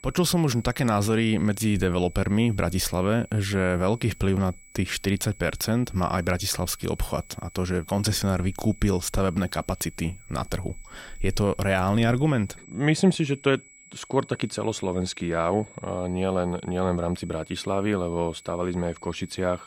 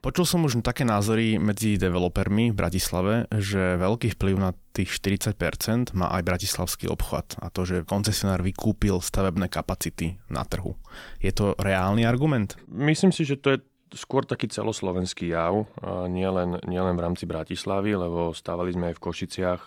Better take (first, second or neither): second